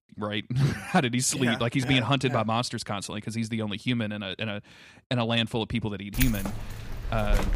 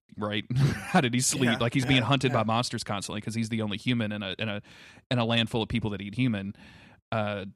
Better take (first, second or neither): second